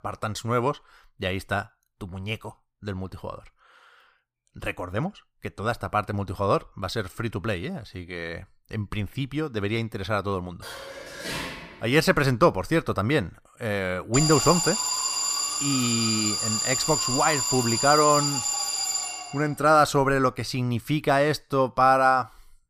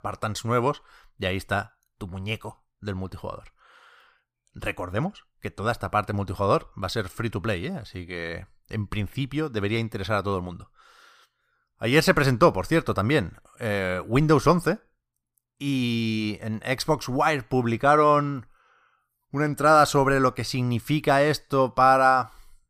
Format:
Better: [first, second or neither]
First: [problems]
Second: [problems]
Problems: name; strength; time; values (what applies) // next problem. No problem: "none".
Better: second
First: clattering dishes; noticeable; from 11 to 12 s; peak 6 dB below the speech // alarm; loud; from 14 to 19 s; peak 2 dB above the speech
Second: none